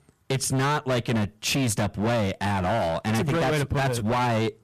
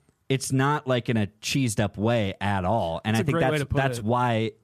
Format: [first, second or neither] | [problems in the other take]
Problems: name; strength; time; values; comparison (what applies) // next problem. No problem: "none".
second | distortion; heavy; 28% of the sound clipped